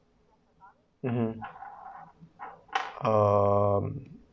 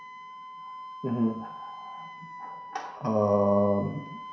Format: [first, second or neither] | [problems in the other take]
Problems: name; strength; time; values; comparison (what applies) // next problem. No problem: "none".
first | background sound (Wind instrument, woodwind instrument); 13 dB below the speech // room echo; dies away in 0.7 s